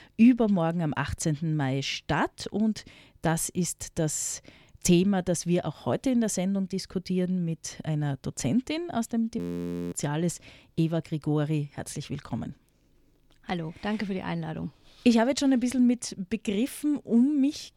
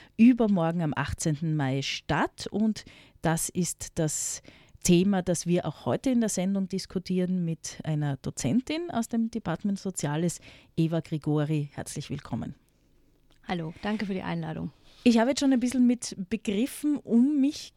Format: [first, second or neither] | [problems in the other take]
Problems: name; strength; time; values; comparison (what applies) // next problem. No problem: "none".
second | audio freezing; at 9.5 s for 0.5 s